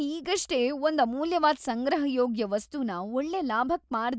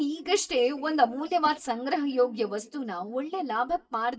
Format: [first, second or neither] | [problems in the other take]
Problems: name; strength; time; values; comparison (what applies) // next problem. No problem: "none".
first | noise reduction (neural mask model DeepFilterNet 3)